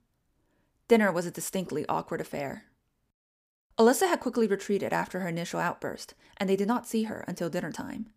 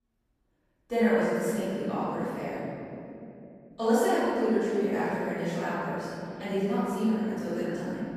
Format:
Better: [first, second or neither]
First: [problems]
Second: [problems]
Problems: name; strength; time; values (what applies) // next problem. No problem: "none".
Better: first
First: none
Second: room echo; strong; dies away in 3 s // off-mic speech; far